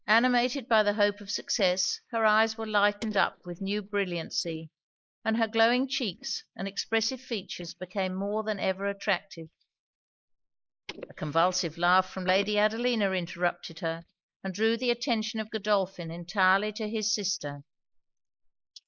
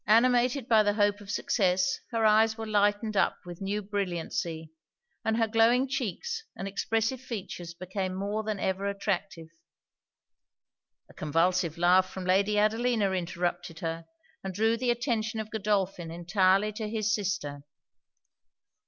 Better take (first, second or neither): second